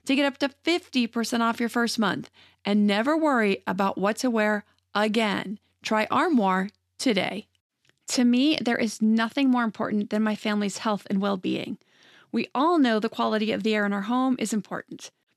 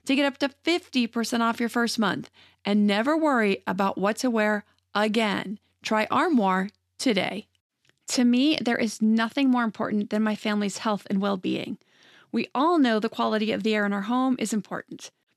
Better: neither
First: none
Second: none

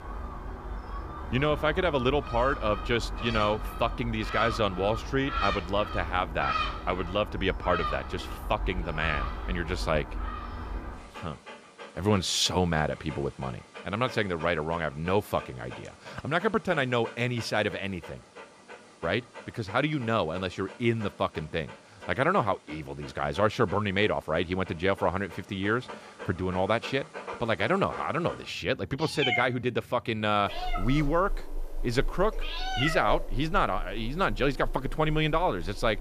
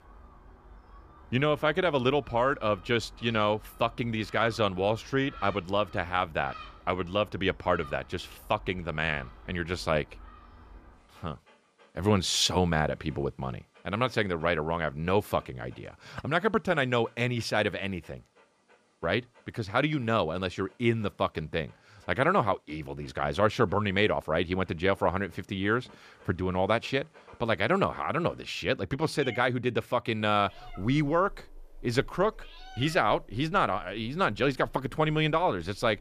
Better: second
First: animal sounds; loud; throughout; 9 dB below the speech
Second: animal sounds; faint; throughout; 25 dB below the speech

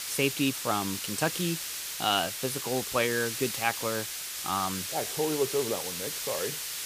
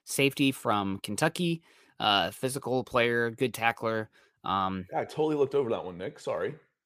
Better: second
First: hiss; loud; throughout; 2 dB below the speech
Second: none

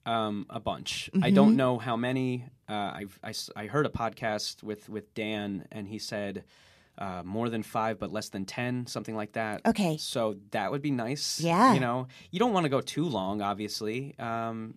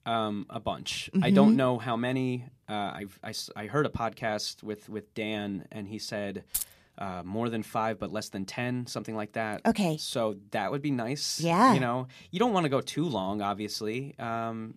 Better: first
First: none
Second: jangling keys; noticeable; at 6.5 s; peak 3 dB below the speech

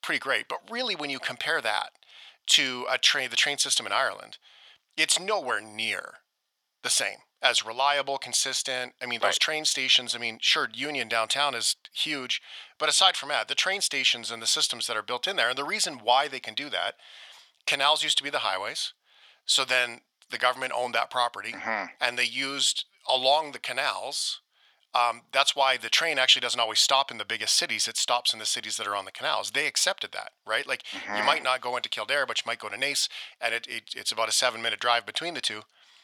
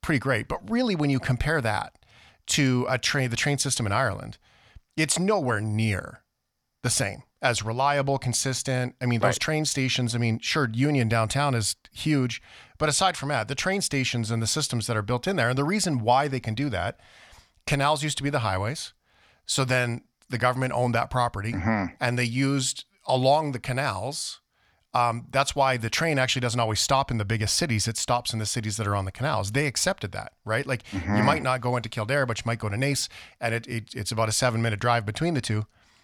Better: second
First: thin; very; fading below 600 Hz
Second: none

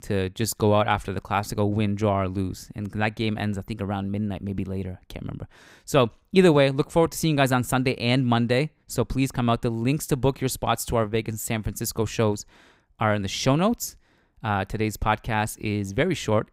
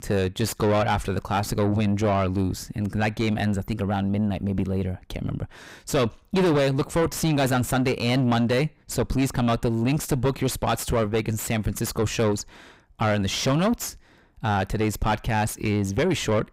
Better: first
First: none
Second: distortion; heavy; 6 dB below the speech

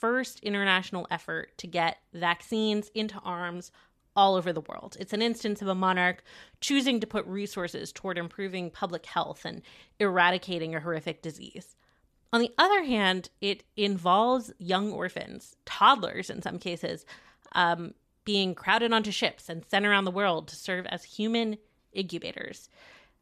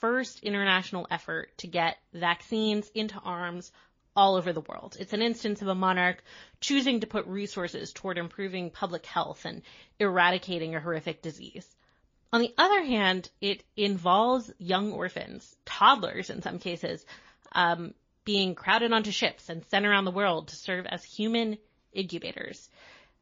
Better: first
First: none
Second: garbled, watery; slightly; nothing above 6.5 kHz

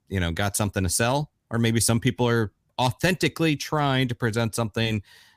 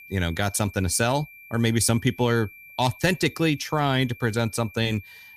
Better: first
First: none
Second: high-pitched whine; faint; throughout; 2.5 kHz, 20 dB below the speech

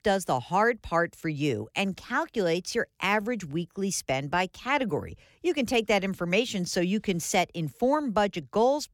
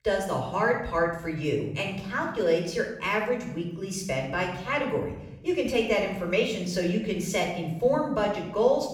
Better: first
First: none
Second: off-mic speech; far // room echo; noticeable; dies away in 1.1 s

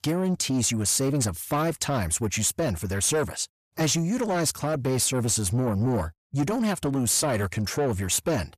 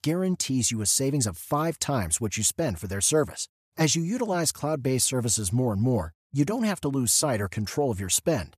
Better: second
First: distortion; slight; 10 dB below the speech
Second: none

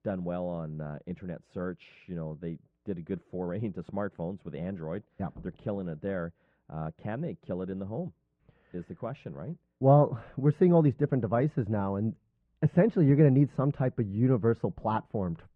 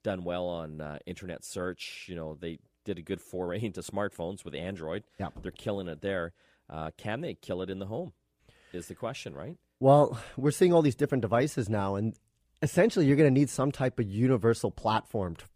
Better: second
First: muffled; very; fading above 1.5 kHz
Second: none

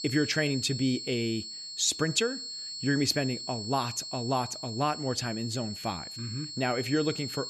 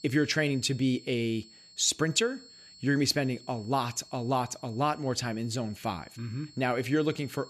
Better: second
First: high-pitched whine; loud; throughout; 4.5 kHz, 7 dB below the speech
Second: high-pitched whine; faint; throughout; 4.5 kHz, 20 dB below the speech

